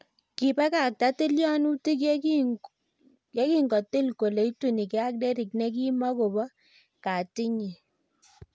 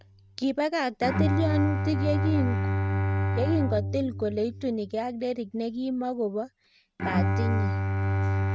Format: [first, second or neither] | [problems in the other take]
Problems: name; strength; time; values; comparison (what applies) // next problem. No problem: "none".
first | noise reduction (neural mask model RNNoise)